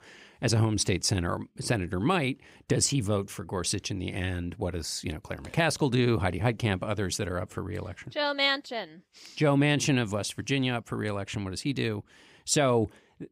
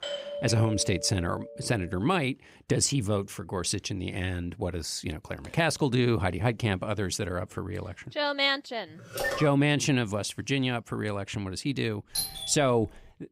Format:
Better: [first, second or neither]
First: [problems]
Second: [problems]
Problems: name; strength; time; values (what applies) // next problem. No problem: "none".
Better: first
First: none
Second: doorbell; noticeable; until 2 s and at 12 s; peak 2 dB below the speech // phone ringing; noticeable; at 9 s; peak 2 dB below the speech